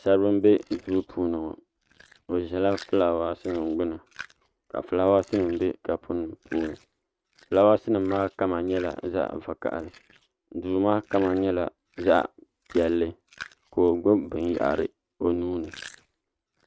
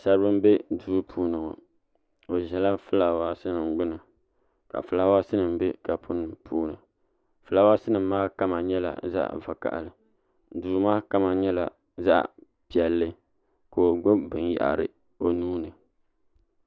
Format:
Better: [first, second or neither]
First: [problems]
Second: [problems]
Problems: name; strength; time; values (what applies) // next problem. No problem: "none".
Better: second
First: noise reduction (neural mask model RNNoise)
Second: none